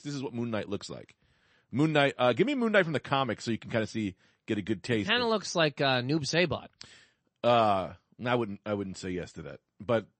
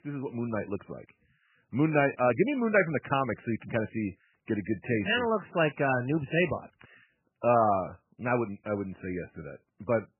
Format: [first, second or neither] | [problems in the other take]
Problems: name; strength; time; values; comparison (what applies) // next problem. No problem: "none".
first | garbled, watery; badly; nothing above 3 kHz; slightly in the first